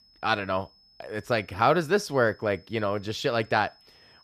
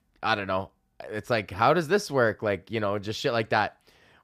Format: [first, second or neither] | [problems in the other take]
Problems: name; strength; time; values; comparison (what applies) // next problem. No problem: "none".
second | high-pitched whine; faint; throughout; 5 kHz, 30 dB below the speech